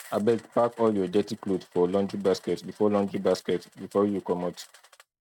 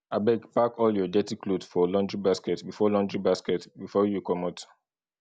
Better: second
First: noise reduction (neural mask model RNNoise)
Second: none

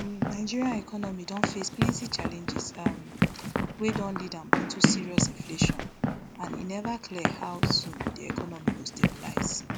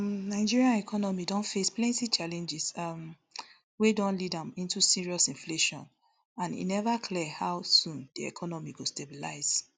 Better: second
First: background sound (Run); 4 dB above the speech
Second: none

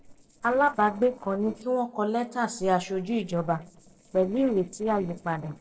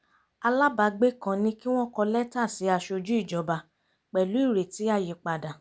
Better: second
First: noise reduction (neural separator model SepFormer DNS4)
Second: none

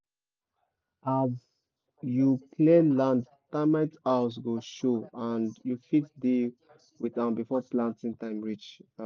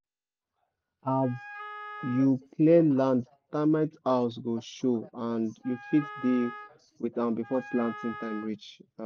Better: first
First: none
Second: background sound (Wind instrument, woodwind instrument); 15 dB below the speech

